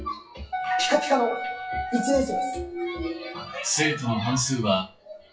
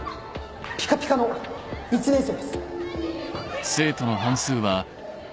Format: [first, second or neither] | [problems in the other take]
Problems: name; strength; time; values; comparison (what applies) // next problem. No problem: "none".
second | noise reduction (classical method WPE with log-MMSE)